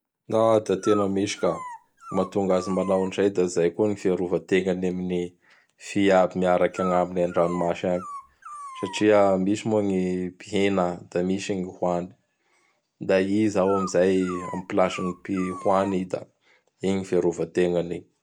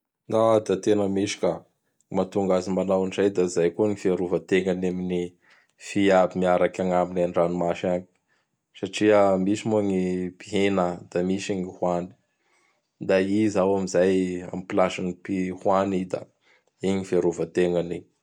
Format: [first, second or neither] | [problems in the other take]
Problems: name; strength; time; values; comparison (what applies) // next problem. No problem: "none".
second | background sound (Dog); 14 dB below the speech